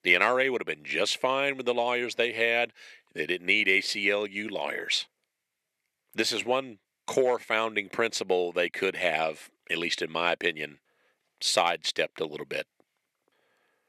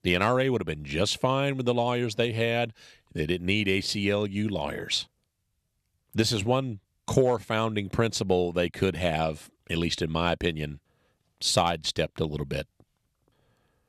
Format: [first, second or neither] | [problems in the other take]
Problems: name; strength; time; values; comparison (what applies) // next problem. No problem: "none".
second | thin; somewhat; fading below 400 Hz